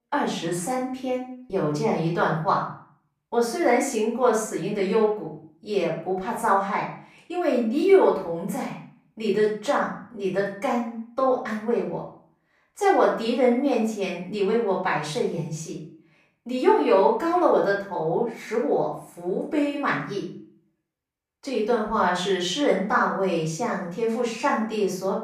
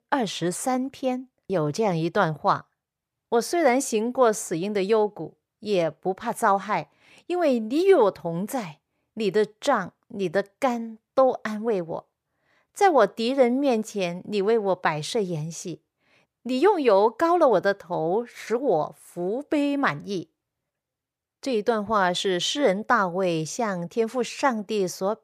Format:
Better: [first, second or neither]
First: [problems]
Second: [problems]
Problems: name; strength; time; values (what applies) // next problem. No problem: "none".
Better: second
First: off-mic speech; far // room echo; noticeable; dies away in 0.5 s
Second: none